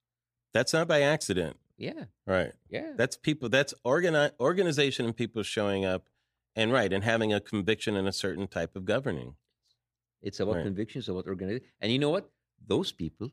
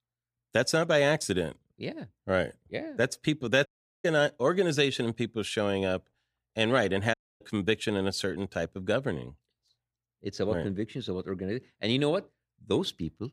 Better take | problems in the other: first | audio cutting out; at 3.5 s and at 7 s

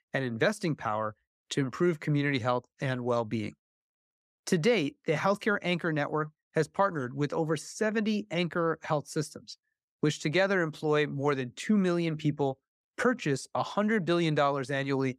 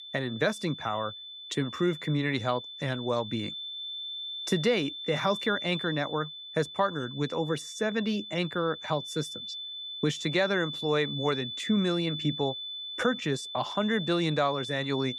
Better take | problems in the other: first | high-pitched whine; loud; throughout; 3.5 kHz, 7 dB below the speech

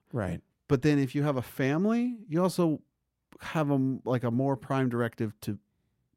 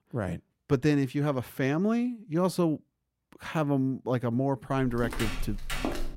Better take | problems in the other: first | footsteps; noticeable; from 5 s on; peak 4 dB below the speech

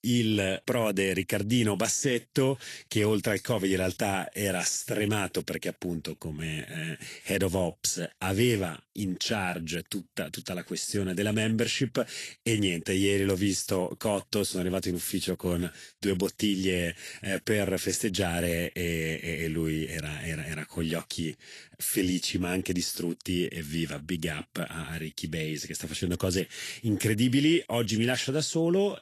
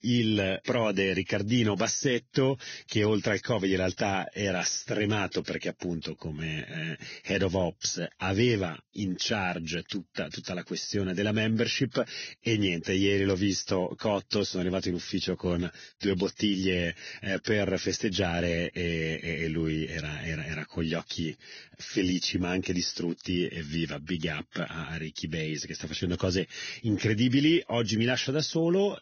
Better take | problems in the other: first | garbled, watery; badly; nothing above 6.5 kHz; slightly in the first

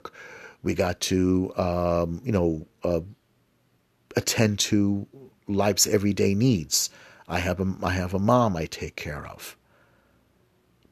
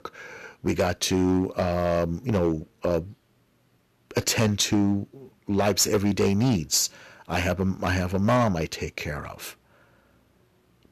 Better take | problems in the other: first | distortion; slight; 4% of the sound clipped

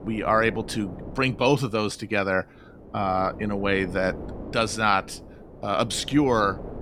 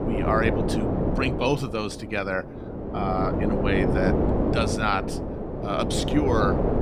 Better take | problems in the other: first | wind noise on the microphone; heavy; 2 dB below the speech; occasional gusts in the first

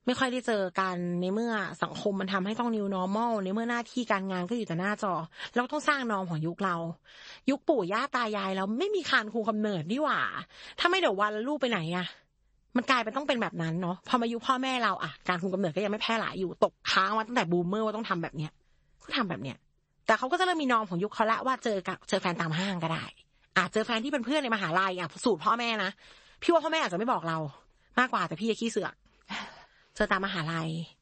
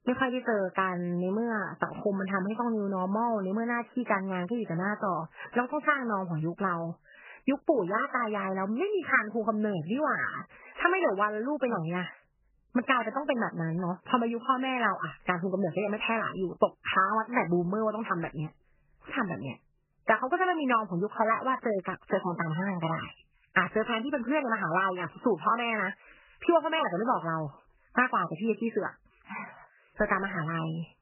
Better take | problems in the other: first | garbled, watery; badly; nothing above 3 kHz; slightly in the first

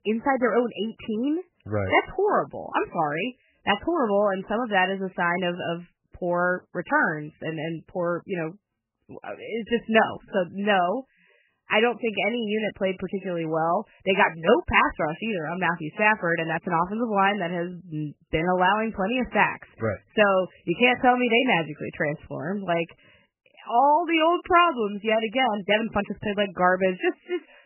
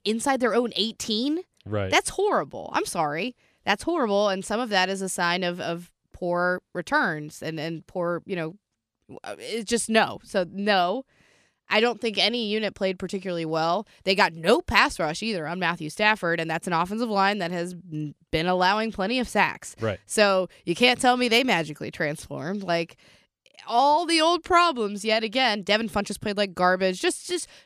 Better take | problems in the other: second | garbled, watery; badly; nothing above 3 kHz

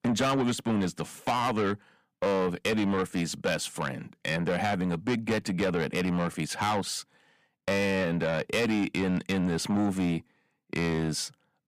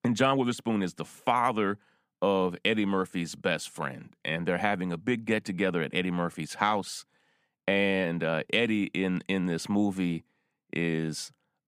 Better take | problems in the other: second | distortion; heavy; 7 dB below the speech

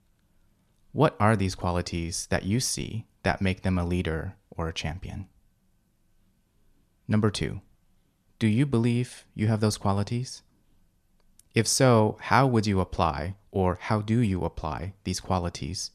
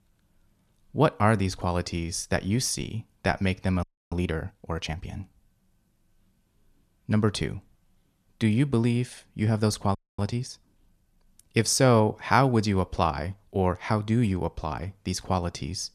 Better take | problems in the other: first | audio freezing; at 4 s and at 10 s

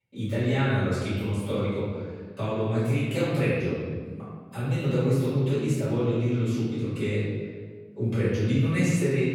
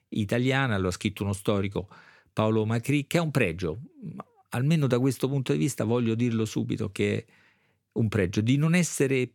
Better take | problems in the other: second | off-mic speech; far // room echo; strong; dies away in 1.6 s

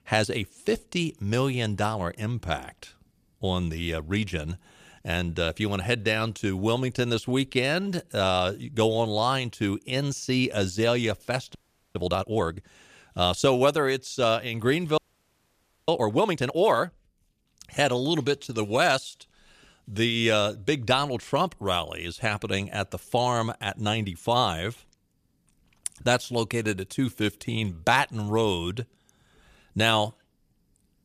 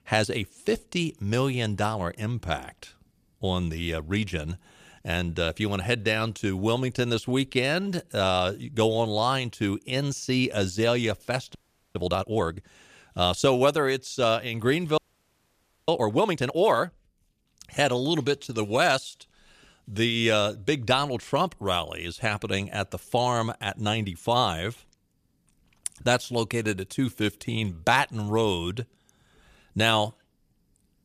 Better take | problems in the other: neither | audio freezing; at 12 s and at 15 s for 1 s; the same in both

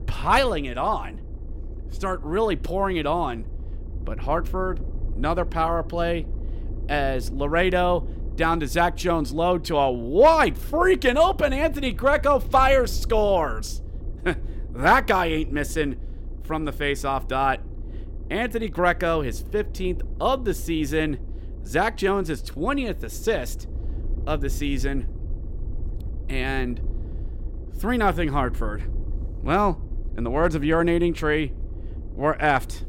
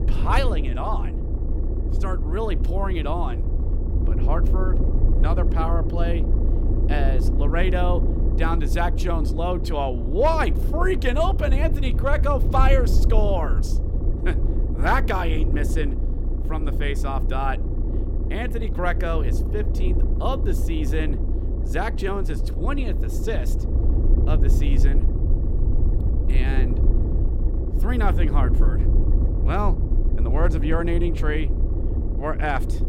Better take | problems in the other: first | low rumble; loud; throughout; 9 dB below the speech; faint in the first

